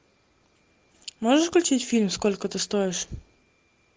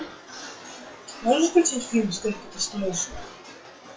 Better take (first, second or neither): first